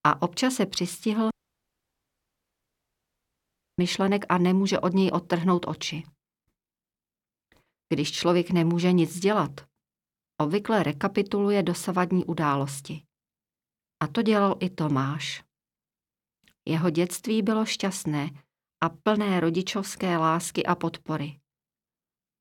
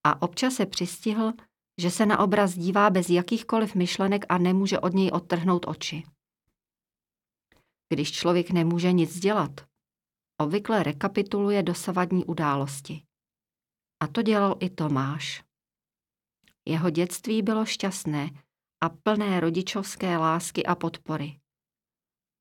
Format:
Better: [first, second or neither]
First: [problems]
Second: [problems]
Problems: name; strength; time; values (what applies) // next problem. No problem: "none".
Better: second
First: audio cutting out; at 1.5 s for 2.5 s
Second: none